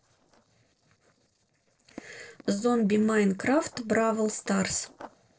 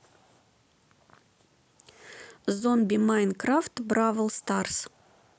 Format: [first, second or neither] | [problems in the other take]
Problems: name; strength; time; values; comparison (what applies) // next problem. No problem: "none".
second | noise reduction (neural separator model SepFormer DNS4)